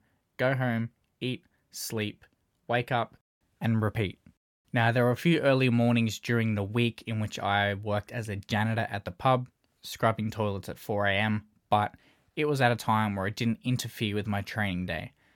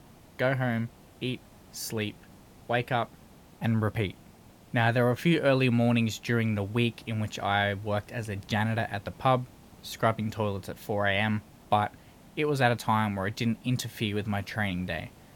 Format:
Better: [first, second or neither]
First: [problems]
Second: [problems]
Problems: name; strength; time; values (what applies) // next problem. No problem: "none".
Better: first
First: none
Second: hiss; faint; throughout; 25 dB below the speech